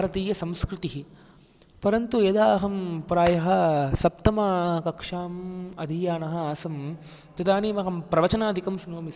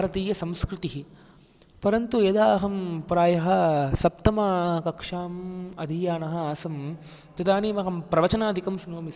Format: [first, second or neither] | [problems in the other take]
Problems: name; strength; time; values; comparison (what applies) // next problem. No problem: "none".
second | background sound (Clapping); 11 dB below the speech